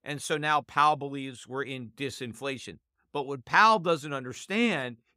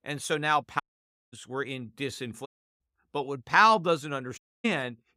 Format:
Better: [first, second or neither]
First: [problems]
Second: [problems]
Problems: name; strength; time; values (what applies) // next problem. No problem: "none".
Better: first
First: none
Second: audio cutting out; at 1 s for 0.5 s, at 2.5 s and at 4.5 s